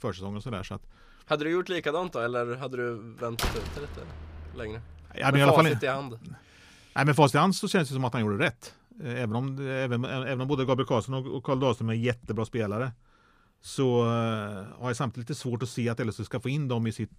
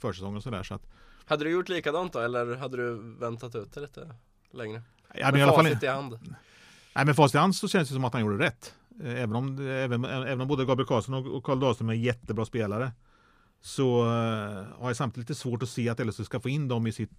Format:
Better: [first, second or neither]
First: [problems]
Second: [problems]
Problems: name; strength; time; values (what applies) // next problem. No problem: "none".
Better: second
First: door banging; noticeable; from 3.5 to 4.5 s; peak 4 dB below the speech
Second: none